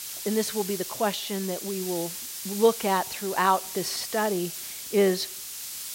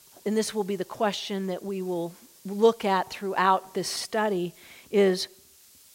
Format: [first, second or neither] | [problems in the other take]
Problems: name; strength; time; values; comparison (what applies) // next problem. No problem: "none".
second | hiss; loud; throughout; 7 dB below the speech; faint in the second